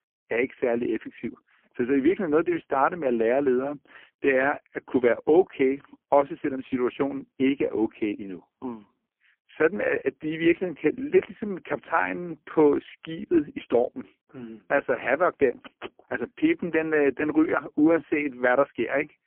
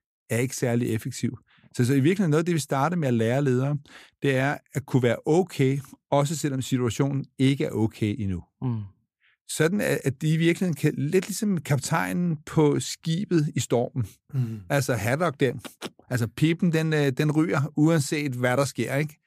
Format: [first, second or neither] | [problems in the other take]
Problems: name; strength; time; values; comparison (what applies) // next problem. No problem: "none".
second | phone-call audio; poor line